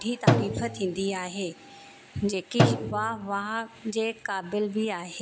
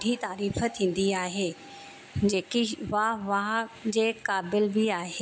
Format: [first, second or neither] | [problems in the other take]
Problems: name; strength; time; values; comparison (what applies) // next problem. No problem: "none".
second | background sound (Drum); 1 dB above the speech